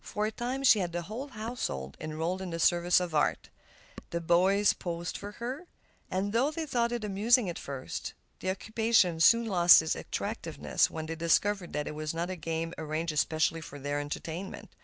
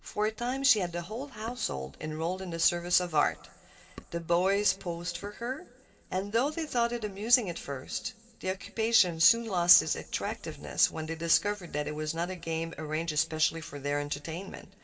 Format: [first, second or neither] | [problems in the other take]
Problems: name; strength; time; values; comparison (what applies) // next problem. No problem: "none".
first | room echo; dies away in 2.1 s